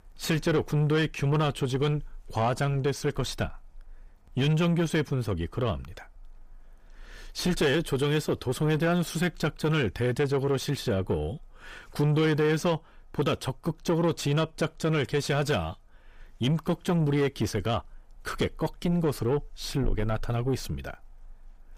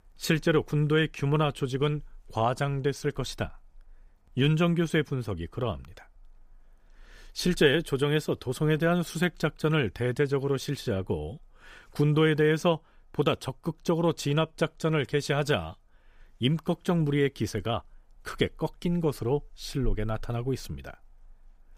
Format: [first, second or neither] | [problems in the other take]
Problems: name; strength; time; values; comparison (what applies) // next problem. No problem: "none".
second | distortion; slight; 10 dB below the speech